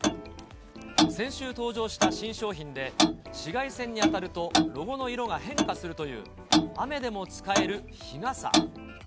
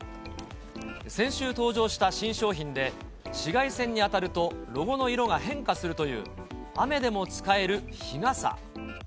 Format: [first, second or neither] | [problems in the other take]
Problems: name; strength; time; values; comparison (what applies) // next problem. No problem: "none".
second | background sound (Clock); 3 dB above the speech